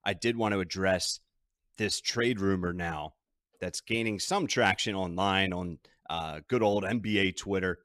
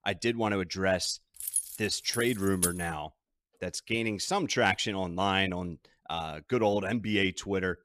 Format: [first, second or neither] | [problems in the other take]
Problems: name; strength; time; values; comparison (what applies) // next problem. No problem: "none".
first | jangling keys; noticeable; from 1.5 to 3 s; peak 1 dB below the speech